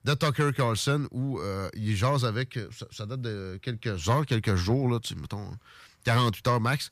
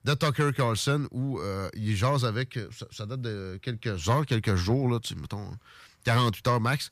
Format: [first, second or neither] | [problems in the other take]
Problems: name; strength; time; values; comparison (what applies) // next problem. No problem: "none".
neither | none